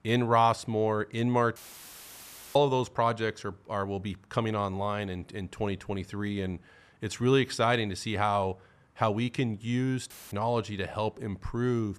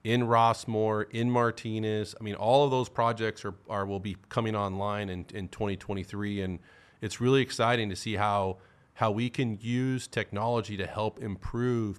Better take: second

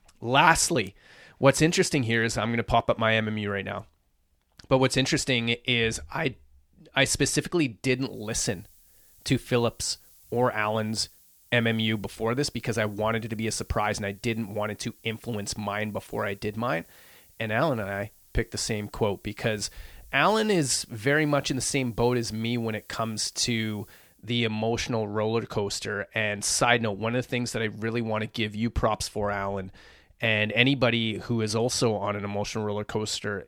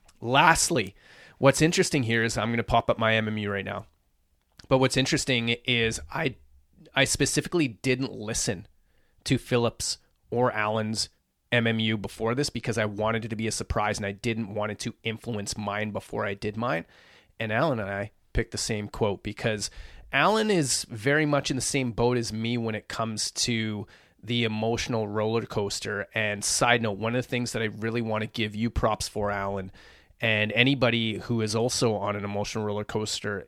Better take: second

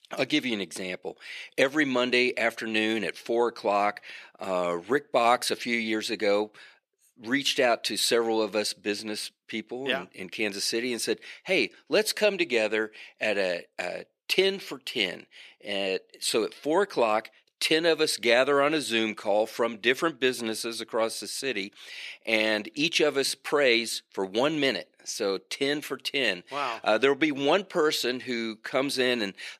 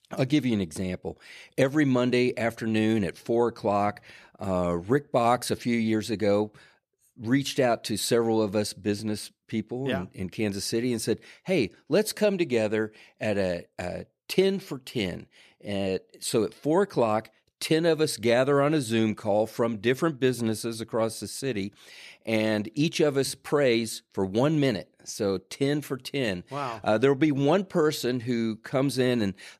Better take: second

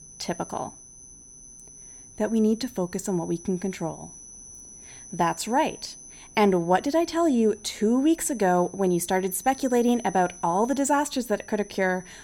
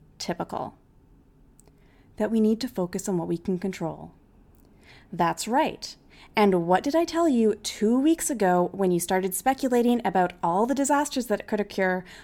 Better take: second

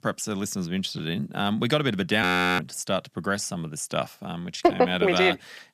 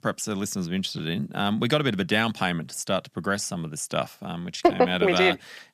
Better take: second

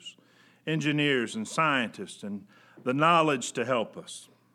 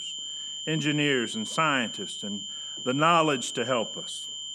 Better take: first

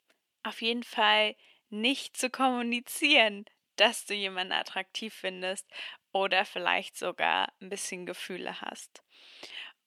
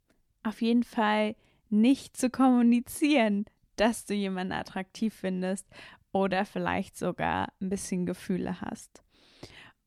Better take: second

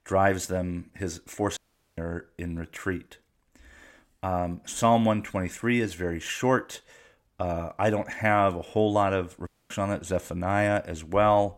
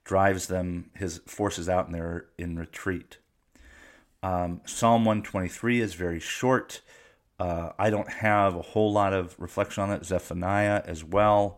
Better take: second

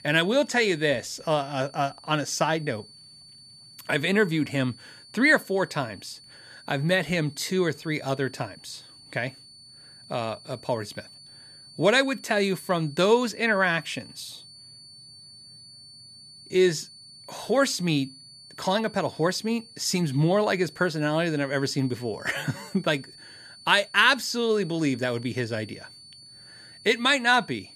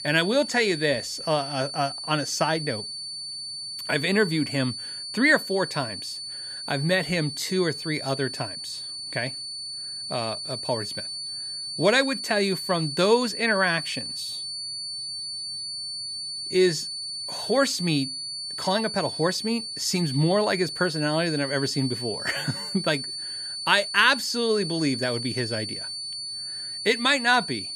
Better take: first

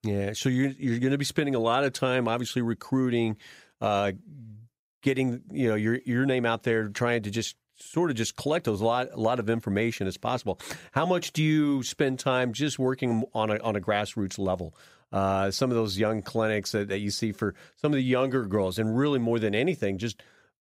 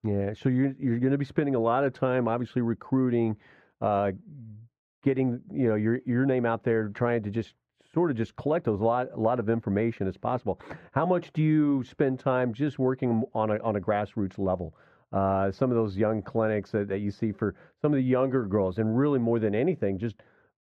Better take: first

